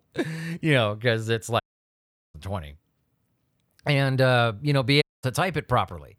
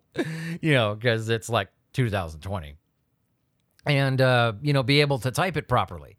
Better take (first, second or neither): second